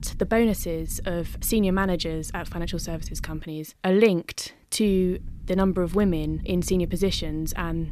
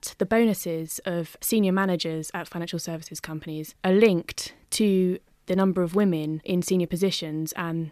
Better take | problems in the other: second | low rumble; faint; until 3.5 s and from 5 s on; 25 dB below the speech

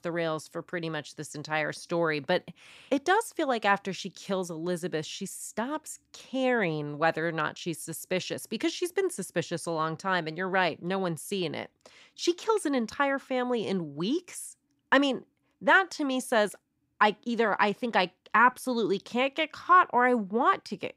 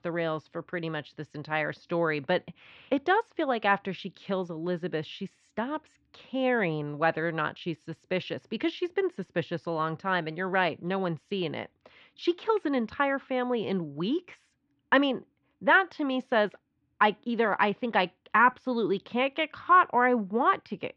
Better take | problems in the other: first | muffled; slightly; fading above 3.5 kHz

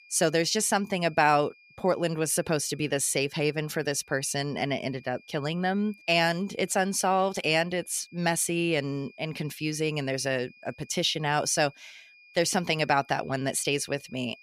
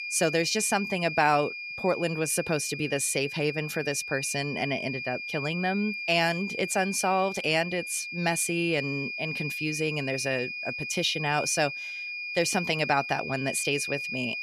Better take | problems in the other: first | high-pitched whine; loud; throughout; 2.5 kHz, 5 dB below the speech; faint in the first

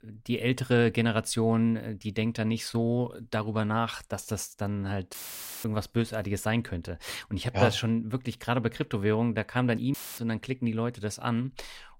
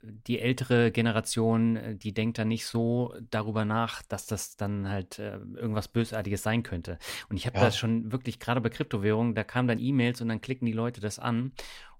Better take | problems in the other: second | audio cutting out; filled with static; at 5 s for 0.5 s and at 10 s

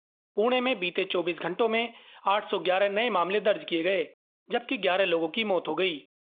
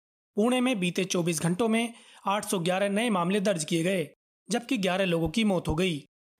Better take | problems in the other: second | phone-call audio

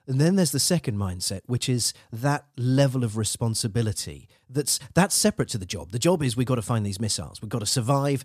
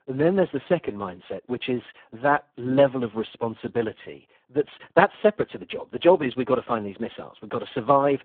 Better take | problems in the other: first | phone-call audio; poor line

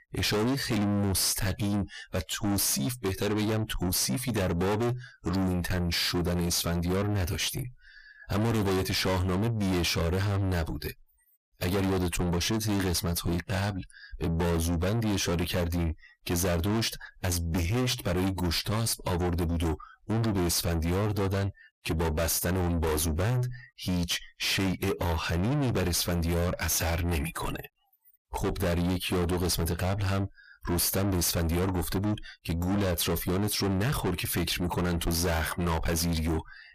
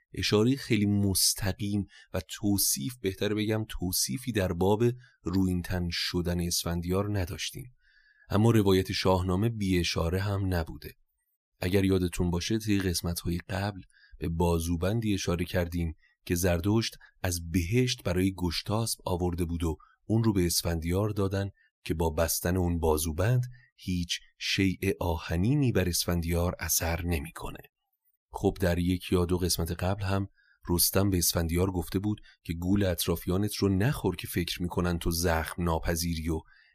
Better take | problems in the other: second | distortion; heavy; 6 dB below the speech

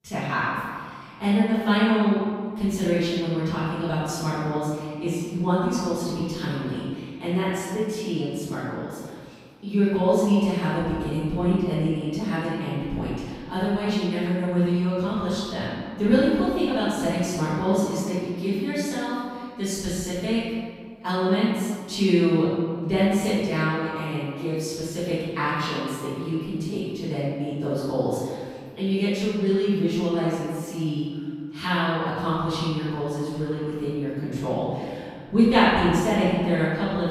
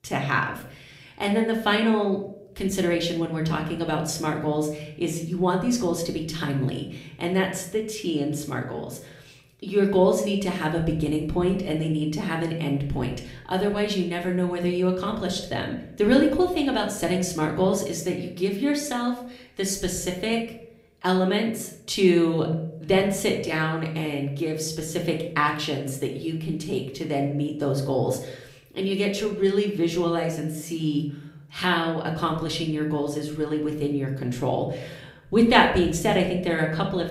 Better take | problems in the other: second | room echo; strong; dies away in 1.8 s; slight in the second // off-mic speech; far; somewhat distant in the second

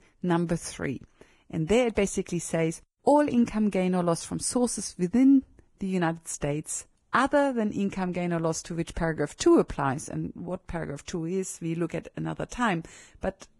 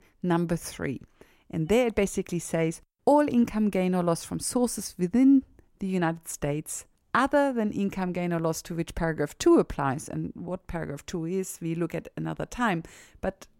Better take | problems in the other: second | garbled, watery; badly; nothing above 10.5 kHz

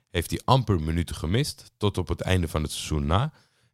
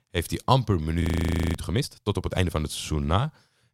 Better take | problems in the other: first | audio freezing; at 1 s for 0.5 s

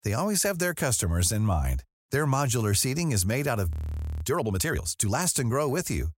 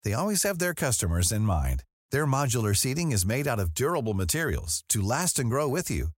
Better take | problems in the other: second | audio freezing; at 3.5 s for 0.5 s

